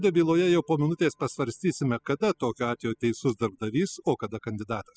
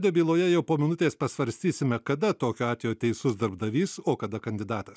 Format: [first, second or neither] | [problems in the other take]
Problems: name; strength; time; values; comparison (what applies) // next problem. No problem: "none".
second | noise reduction (classical method spectral subtraction)